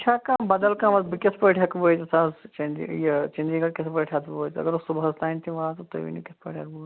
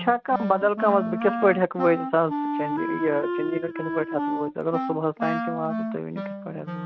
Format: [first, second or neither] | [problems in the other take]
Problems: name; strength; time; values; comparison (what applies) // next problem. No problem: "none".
first | noise reduction (neural mask model RNNoise)